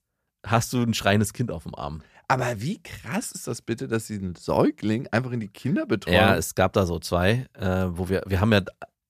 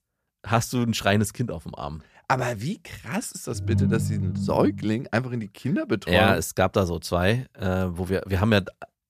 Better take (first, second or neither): first